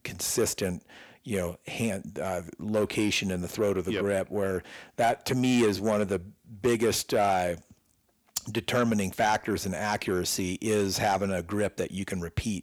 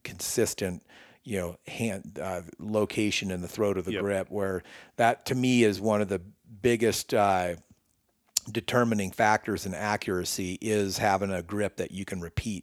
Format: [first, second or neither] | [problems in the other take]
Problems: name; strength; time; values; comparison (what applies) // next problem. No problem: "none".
second | distortion; slight; 10 dB below the speech